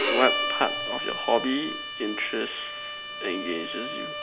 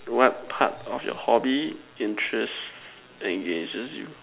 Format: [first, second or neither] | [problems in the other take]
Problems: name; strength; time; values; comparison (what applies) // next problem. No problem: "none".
second | background sound (Bowed string instrument); 2 dB below the speech